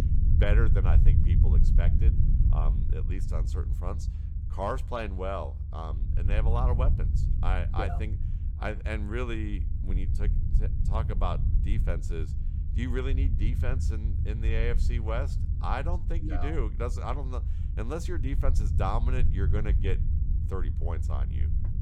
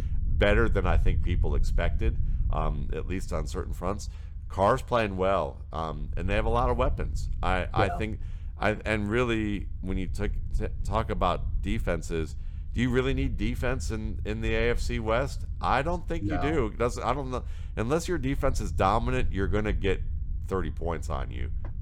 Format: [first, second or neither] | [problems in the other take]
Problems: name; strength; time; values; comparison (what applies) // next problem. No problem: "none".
second | low rumble; loud; throughout; 9 dB below the speech; faint in the second